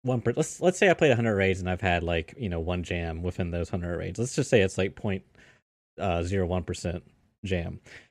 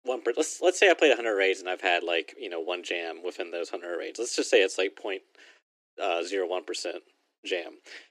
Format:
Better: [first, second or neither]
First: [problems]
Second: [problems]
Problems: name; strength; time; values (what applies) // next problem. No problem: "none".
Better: first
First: none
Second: thin; very; fading below 300 Hz